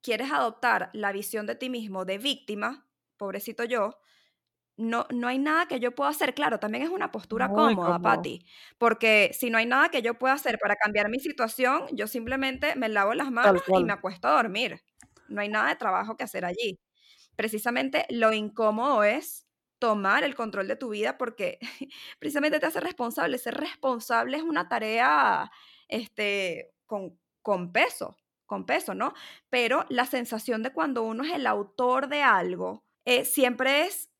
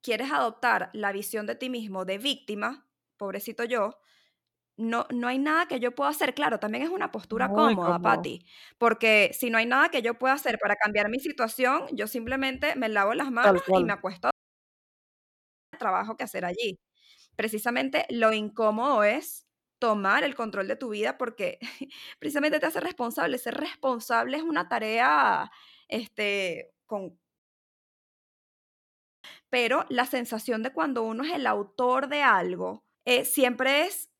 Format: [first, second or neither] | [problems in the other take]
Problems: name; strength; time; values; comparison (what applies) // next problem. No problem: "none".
first | audio cutting out; at 14 s for 1.5 s and at 27 s for 2 s